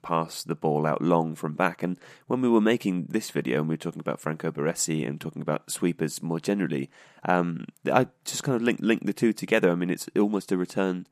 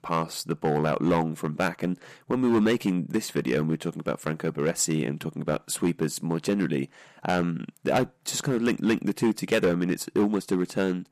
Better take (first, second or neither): first